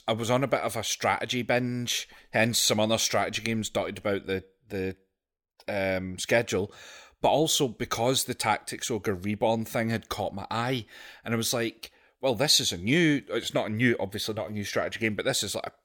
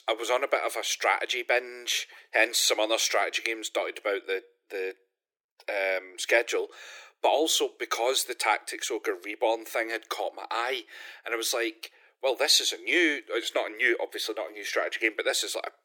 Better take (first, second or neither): first